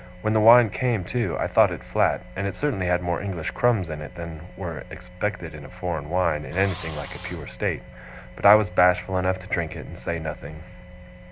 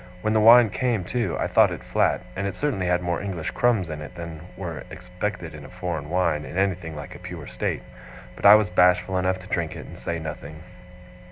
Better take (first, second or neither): second